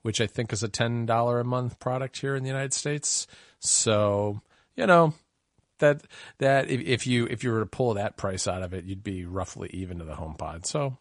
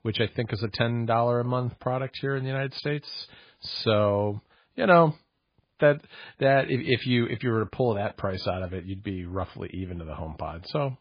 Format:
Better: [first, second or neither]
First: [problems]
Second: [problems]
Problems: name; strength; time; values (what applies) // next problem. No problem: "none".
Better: first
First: garbled, watery; slightly; nothing above 8.5 kHz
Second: garbled, watery; badly; nothing above 5 kHz